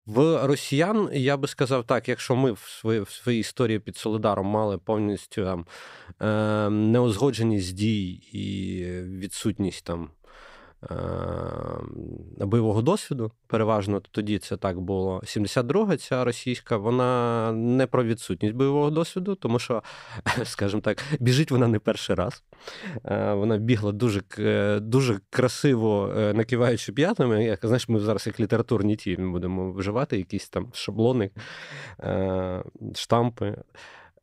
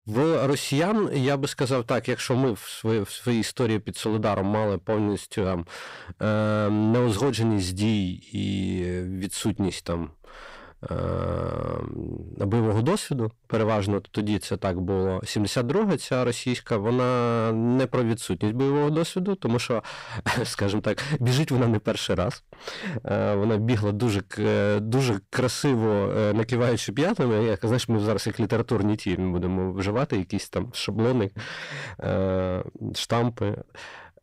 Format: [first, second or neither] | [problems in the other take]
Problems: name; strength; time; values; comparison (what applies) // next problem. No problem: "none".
first | distortion; slight; 10 dB below the speech